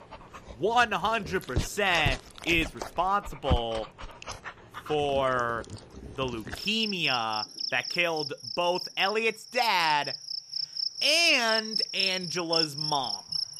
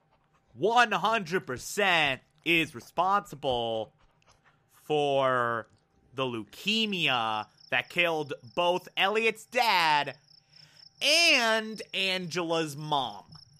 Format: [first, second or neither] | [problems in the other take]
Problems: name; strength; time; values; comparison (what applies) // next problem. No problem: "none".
second | animal sounds; loud; throughout; 5 dB below the speech; faint in the second